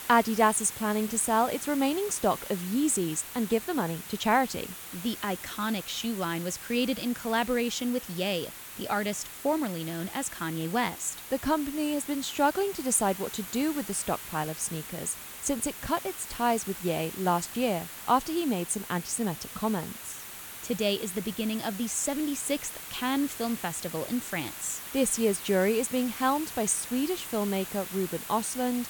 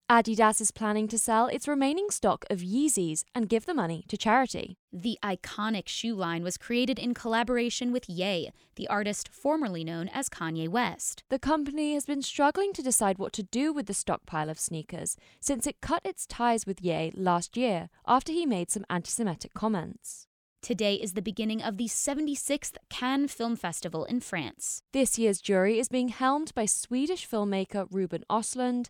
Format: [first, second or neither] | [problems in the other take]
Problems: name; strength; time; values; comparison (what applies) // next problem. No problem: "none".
second | hiss; loud; throughout; 10 dB below the speech